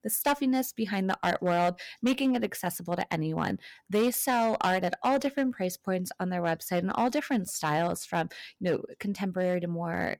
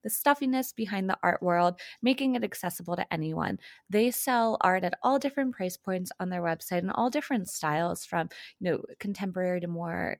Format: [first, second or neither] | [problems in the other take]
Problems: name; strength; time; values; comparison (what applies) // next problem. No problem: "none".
second | distortion; slight; 4% of the sound clipped